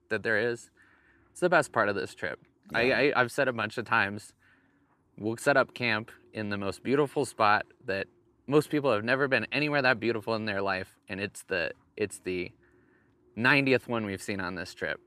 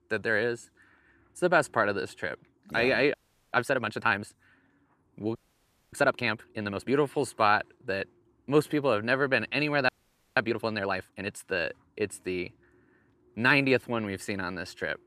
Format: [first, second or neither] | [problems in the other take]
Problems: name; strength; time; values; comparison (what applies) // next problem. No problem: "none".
first | audio freezing; at 3 s, at 5.5 s for 0.5 s and at 10 s